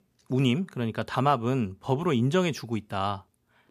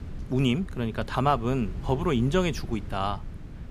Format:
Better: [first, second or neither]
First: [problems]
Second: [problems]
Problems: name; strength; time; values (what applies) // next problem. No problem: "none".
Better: first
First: none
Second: wind noise on the microphone; occasional gusts; 20 dB below the speech